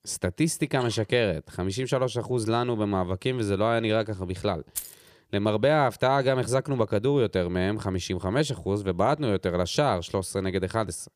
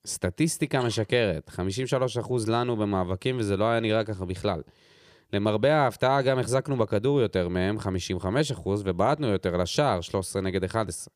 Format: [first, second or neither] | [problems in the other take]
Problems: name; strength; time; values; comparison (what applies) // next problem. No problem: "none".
second | jangling keys; noticeable; at 5 s; peak 9 dB below the speech